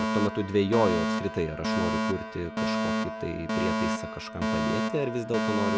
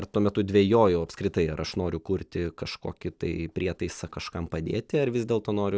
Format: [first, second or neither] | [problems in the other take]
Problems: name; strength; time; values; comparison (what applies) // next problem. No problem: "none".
second | background sound (Alarm); 1 dB above the speech